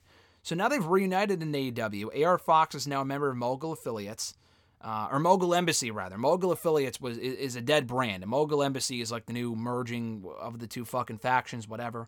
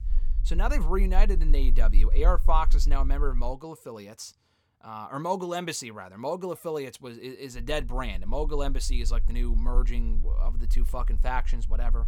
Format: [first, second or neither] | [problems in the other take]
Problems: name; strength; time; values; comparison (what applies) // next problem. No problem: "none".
first | low rumble; faint; until 3.5 s and from 7.5 s on; 20 dB below the speech